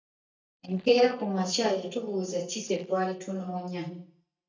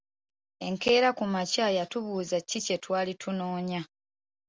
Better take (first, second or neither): second